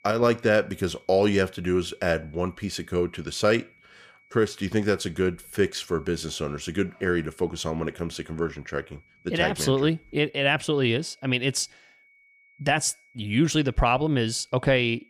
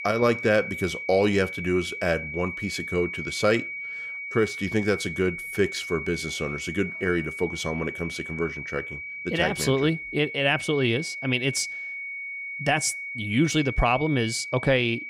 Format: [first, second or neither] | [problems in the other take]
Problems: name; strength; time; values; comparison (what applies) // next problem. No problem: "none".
first | high-pitched whine; loud; throughout; 2.5 kHz, 7 dB below the speech; faint in the first